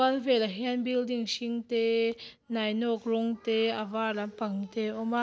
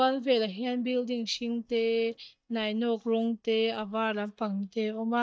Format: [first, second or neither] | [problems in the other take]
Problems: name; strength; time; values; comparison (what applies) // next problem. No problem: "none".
first | noise reduction (neural mask model DeepFilterNet 3)